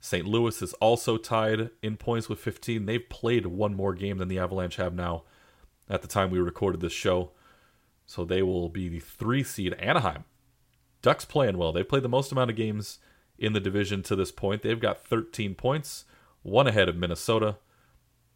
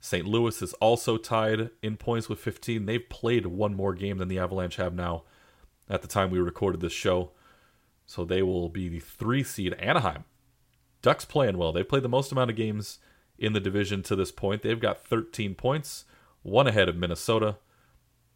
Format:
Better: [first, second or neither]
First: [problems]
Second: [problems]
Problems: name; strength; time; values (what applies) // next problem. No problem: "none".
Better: neither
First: none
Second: none